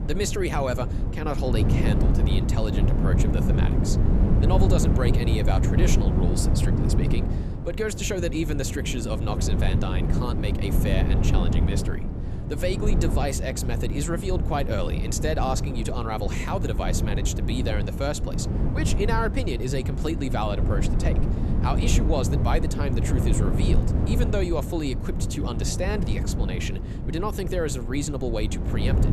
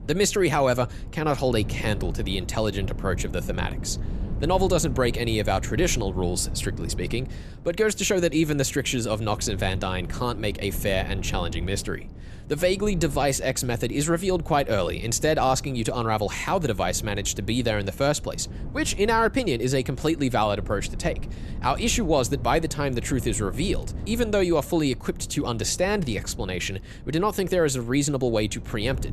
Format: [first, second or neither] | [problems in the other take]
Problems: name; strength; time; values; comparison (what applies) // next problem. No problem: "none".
second | wind noise on the microphone; heavy; 4 dB below the speech; occasional gusts in the second